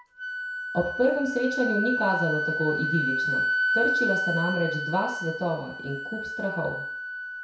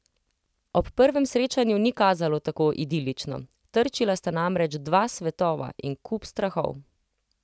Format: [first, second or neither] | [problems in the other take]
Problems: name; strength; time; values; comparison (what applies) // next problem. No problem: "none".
second | background sound (Wind instrument, woodwind instrument); as loud as the speech // room echo; dies away in 0.6 s